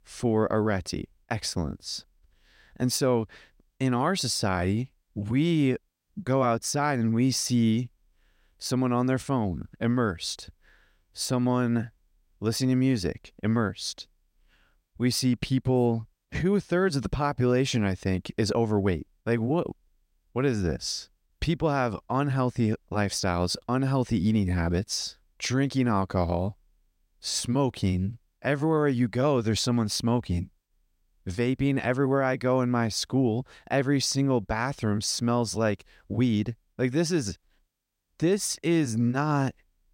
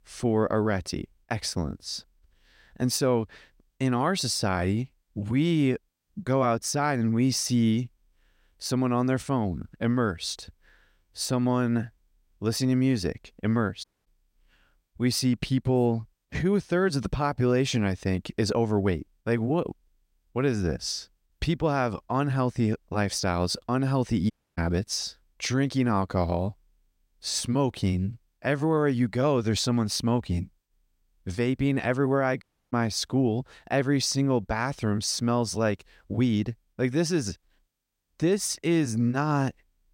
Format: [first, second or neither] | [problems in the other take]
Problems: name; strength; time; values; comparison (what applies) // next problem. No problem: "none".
first | audio cutting out; at 14 s, at 24 s and at 32 s